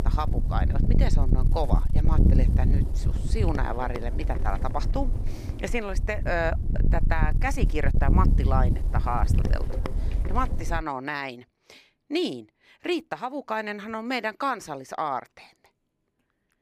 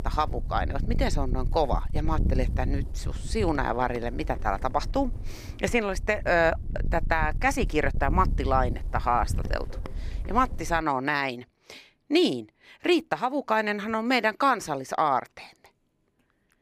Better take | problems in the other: second | wind noise on the microphone; heavy; until 11 s; 9 dB below the speech; occasional gusts in the second

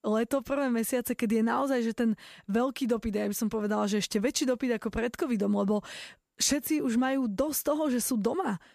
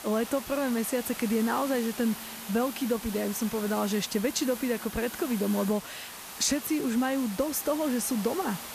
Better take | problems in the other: first | hiss; loud; throughout; 10 dB below the speech

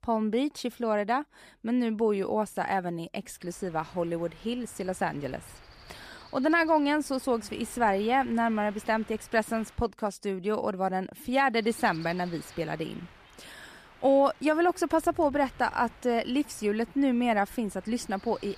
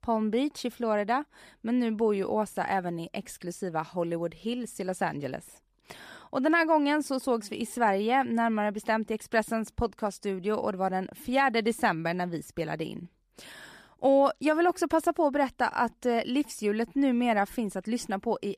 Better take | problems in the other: second | wind noise on the microphone; occasional gusts; from 3.5 to 9.5 s and from 12 s on; 25 dB below the speech

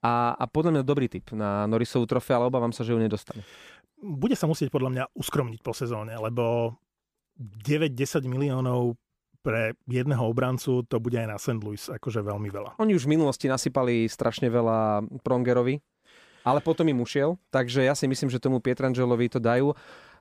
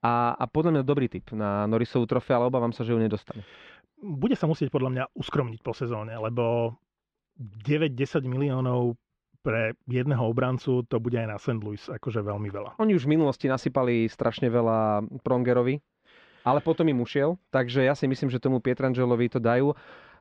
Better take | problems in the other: first | muffled; slightly; fading above 3.5 kHz

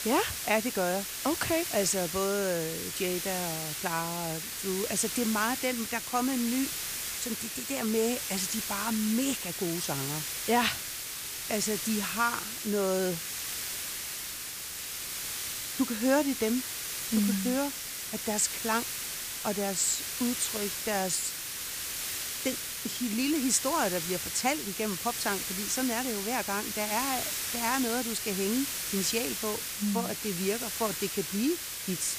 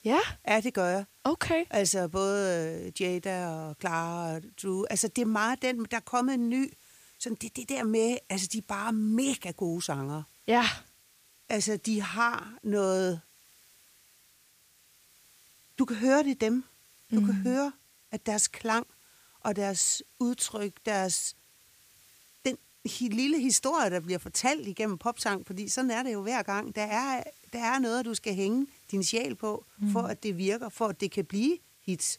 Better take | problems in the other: second | hiss; loud; throughout; 2 dB below the speech; faint in the second

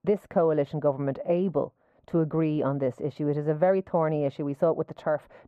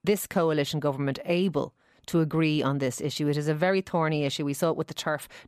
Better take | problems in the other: second | muffled; very; fading above 2.5 kHz

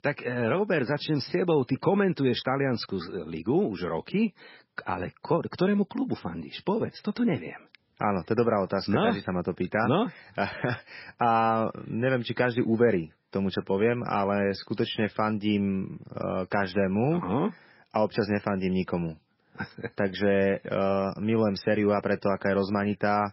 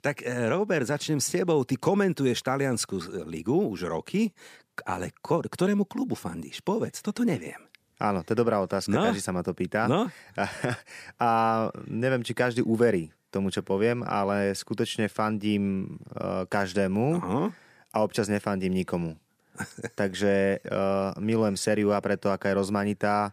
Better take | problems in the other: second | garbled, watery; badly; nothing above 5.5 kHz

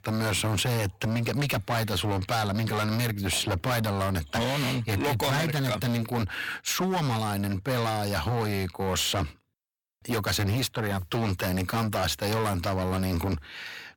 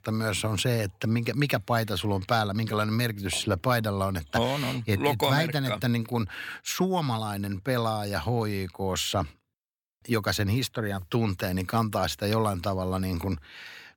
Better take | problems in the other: second | distortion; heavy; 23% of the sound clipped

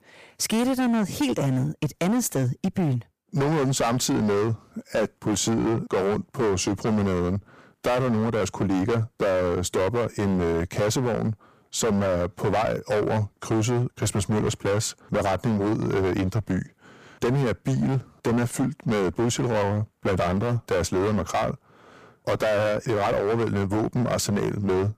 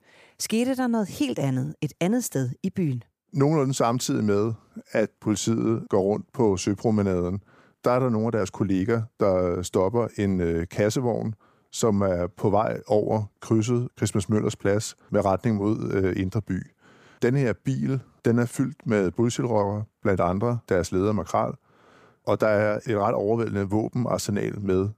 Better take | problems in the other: second | distortion; heavy; 20% of the sound clipped

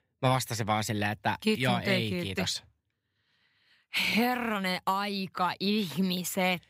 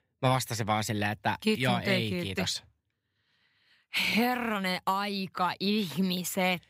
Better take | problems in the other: neither | none

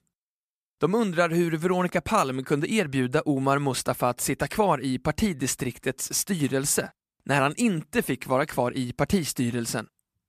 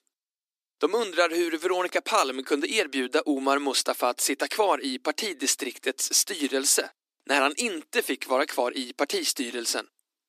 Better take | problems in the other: first | thin; very slightly; fading below 300 Hz

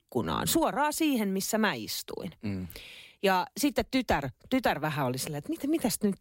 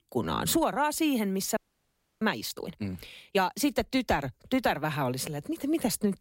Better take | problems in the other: first | audio freezing; at 1.5 s for 0.5 s

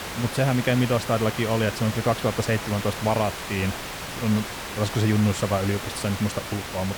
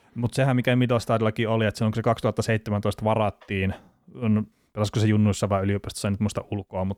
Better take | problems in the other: second | hiss; loud; throughout; 7 dB below the speech

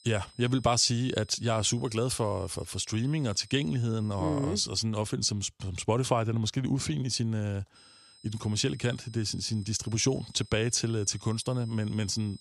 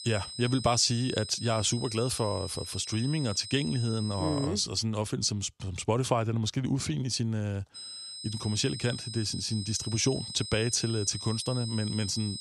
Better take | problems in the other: first | high-pitched whine; loud; until 4.5 s and from 8 s on; 5 kHz, 9 dB below the speech; faint in the first

